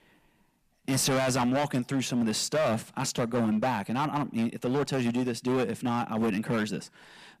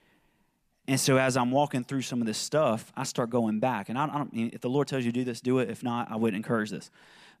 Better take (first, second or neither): second